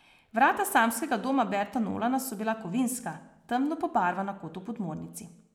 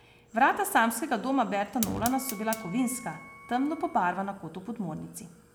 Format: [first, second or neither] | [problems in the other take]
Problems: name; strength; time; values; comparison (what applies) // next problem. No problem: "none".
first | background sound (Wind instrument, woodwind instrument + Fire); 15 dB below the speech